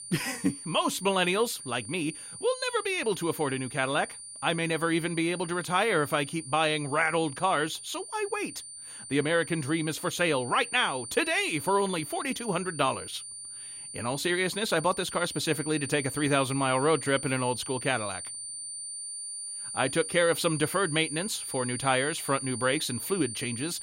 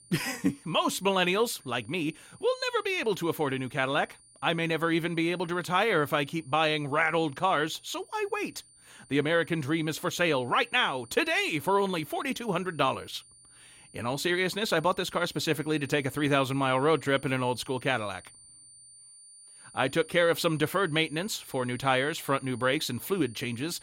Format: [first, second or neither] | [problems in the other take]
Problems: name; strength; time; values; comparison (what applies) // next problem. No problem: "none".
second | high-pitched whine; loud; throughout; 9 kHz, 9 dB below the speech; faint in the second